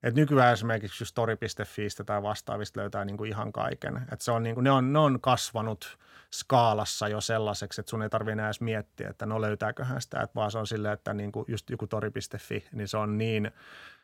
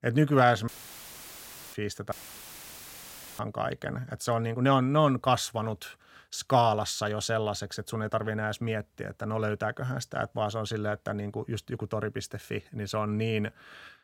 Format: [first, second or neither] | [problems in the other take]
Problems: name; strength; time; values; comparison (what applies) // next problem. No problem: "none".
first | audio cutting out; filled with static; at 0.5 s for 1 s and at 2 s for 1.5 s